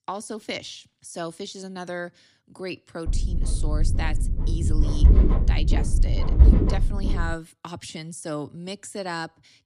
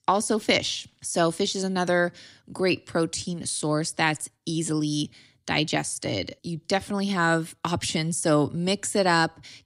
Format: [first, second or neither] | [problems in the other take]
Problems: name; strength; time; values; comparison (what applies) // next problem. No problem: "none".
second | low rumble; loud; from 3 to 7.5 s; 2 dB below the speech